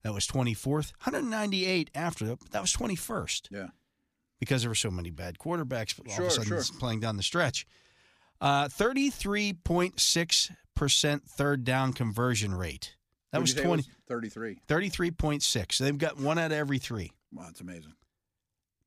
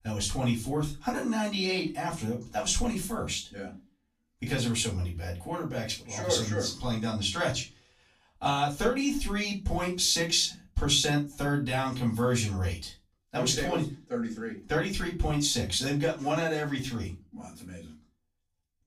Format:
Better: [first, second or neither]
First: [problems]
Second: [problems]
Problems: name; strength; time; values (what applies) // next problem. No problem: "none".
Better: first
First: none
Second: off-mic speech; far // room echo; very slight; dies away in 0.2 s